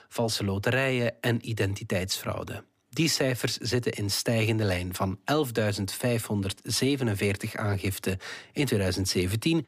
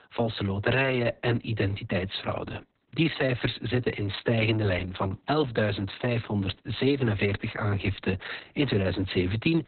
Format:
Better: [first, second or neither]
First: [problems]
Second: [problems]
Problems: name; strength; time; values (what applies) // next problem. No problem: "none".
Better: first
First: none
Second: garbled, watery; badly; nothing above 4 kHz